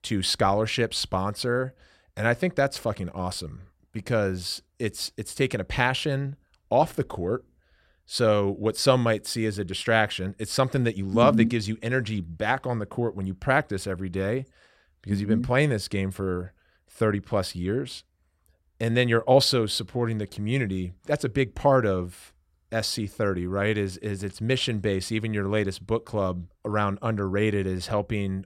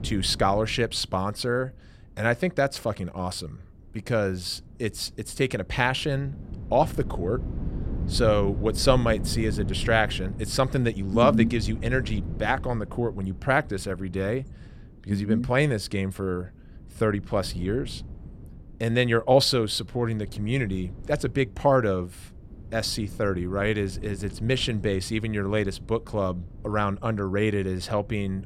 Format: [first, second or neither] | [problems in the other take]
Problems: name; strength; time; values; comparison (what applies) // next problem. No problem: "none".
first | wind noise on the microphone; occasional gusts; 20 dB below the speech